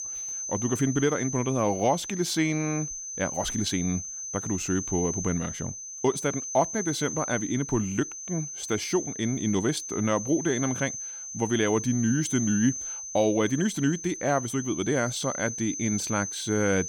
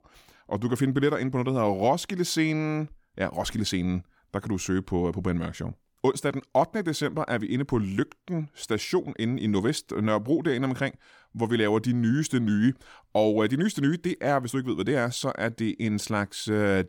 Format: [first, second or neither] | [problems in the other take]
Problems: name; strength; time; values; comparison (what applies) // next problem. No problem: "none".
second | high-pitched whine; loud; throughout; 6 kHz, 6 dB below the speech